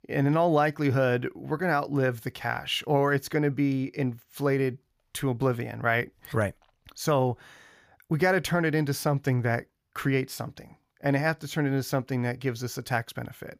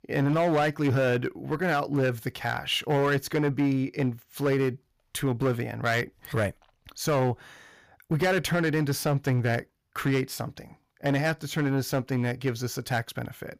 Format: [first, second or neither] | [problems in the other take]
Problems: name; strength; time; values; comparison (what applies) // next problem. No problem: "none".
first | distortion; slight; 7% of the sound clipped